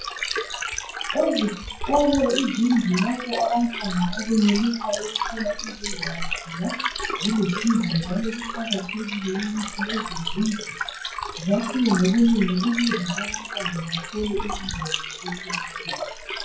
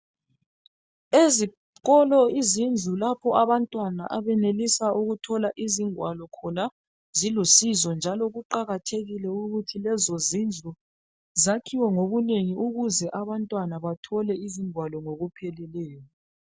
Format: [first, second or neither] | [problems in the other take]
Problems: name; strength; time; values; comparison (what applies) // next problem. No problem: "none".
second | noise reduction (classical method WPE with log-MMSE)